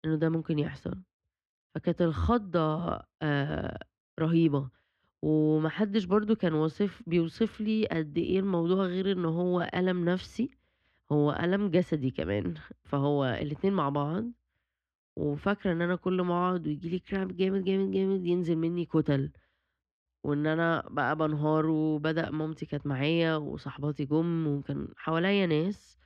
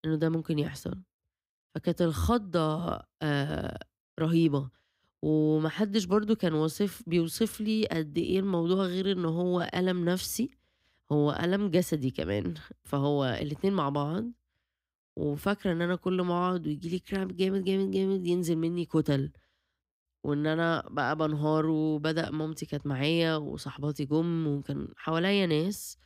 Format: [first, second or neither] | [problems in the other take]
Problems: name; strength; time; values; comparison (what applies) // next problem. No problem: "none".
second | muffled; slightly; fading above 2.5 kHz